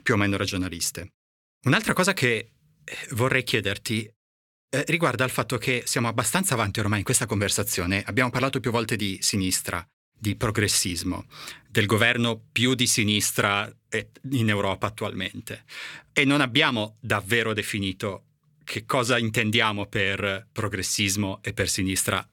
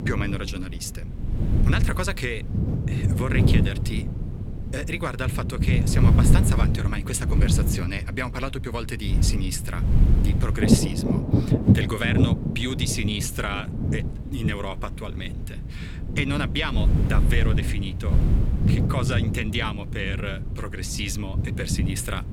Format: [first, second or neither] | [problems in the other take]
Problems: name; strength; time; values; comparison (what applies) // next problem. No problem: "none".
first | wind noise on the microphone; heavy; 3 dB below the speech